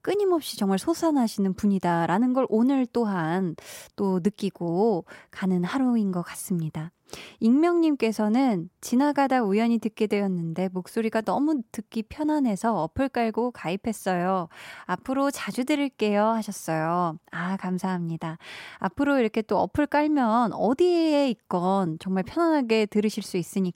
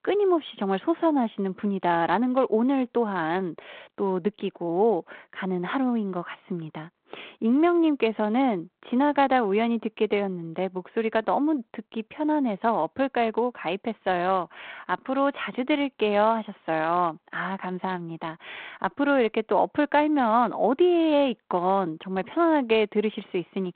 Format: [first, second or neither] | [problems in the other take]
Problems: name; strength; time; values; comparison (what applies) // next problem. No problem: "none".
first | phone-call audio